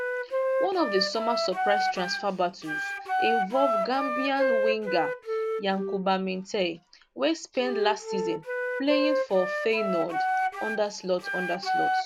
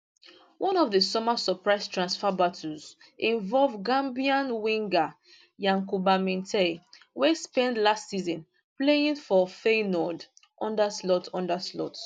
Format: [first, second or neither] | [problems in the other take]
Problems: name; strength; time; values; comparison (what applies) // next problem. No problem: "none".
second | background sound (Wind instrument, woodwind instrument); as loud as the speech